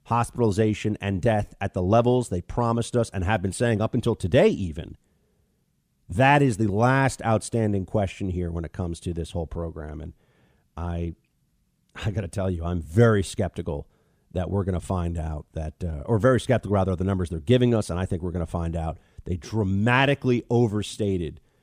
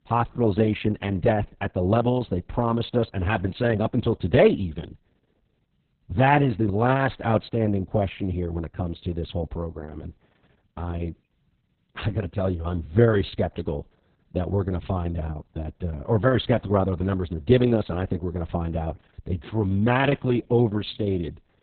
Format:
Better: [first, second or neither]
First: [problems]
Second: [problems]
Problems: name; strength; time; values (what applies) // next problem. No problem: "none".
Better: first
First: none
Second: garbled, watery; badly; nothing above 4 kHz